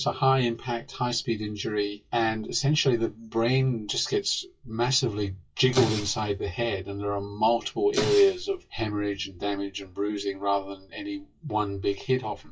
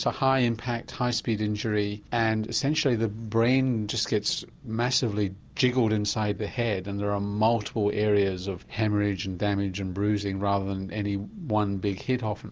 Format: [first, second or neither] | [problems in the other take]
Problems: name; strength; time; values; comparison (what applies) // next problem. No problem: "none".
second | noise reduction (classical method WPE with log-MMSE)